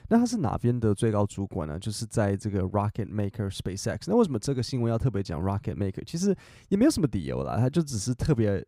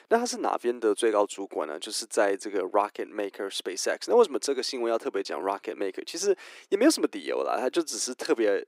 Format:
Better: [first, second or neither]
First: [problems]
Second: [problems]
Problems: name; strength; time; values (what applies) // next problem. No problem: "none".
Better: first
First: none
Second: thin; very; fading below 300 Hz